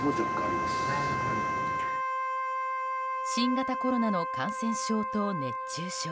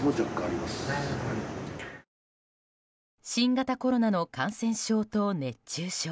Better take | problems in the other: second | background sound (Wind instrument, woodwind instrument); 1 dB above the speech

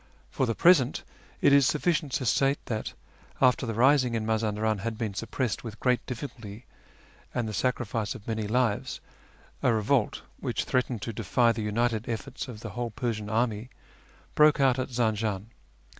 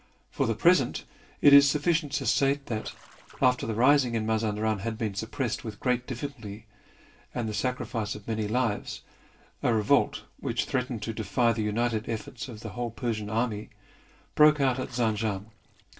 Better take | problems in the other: first | noise reduction (neural separator model SepFormer DNS4)

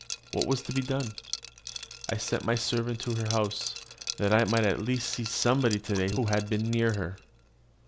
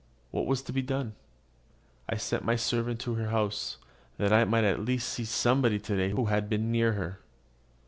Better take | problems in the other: second | background sound (Liquid); 12 dB below the speech

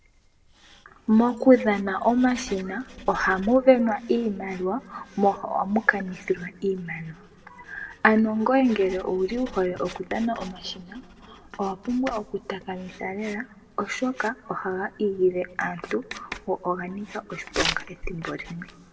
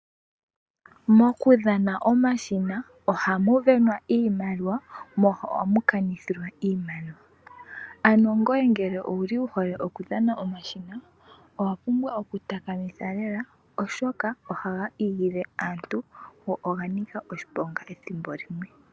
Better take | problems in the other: second | background sound (Writing); 16 dB below the speech // room echo; dies away in 0.8 s

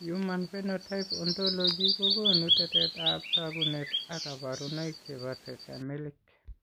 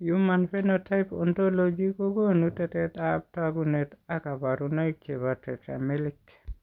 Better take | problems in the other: second | background sound (Bird vocalization, bird call, bird song); 3 dB above the speech

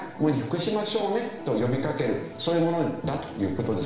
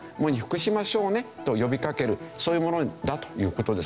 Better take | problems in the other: second | room echo; dies away in 1.1 s

